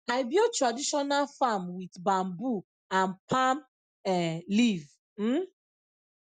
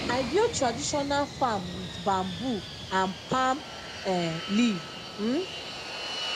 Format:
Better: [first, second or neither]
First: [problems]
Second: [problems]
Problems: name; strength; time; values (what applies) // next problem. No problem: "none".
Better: first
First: none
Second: background sound (Fixed-wing aircraft, airplane); 8 dB below the speech